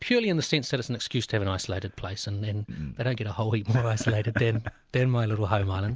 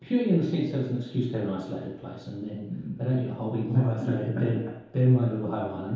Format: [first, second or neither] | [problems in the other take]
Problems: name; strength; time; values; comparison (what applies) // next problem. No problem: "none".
first | room echo; dies away in 0.8 s